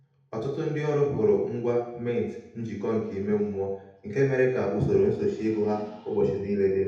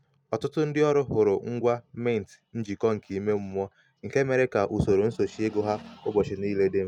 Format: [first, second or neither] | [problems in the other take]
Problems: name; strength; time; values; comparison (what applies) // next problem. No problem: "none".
second | room echo; dies away in 0.8 s